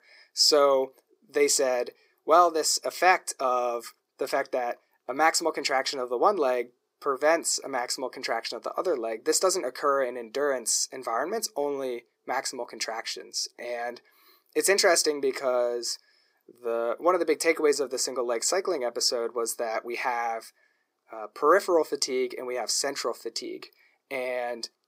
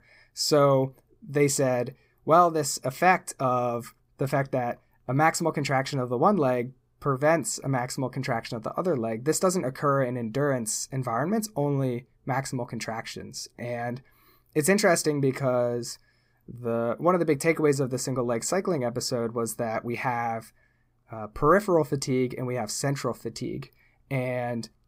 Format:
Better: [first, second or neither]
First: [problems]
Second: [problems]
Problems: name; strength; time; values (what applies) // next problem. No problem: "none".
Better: second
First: thin; somewhat; fading below 350 Hz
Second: none